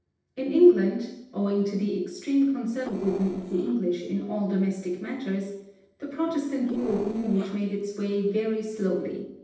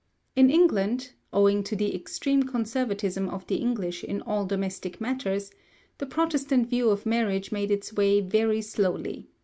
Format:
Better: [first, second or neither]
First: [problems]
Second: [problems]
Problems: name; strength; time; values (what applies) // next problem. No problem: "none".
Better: second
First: noise reduction (neural separator model SepFormer DNS4)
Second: none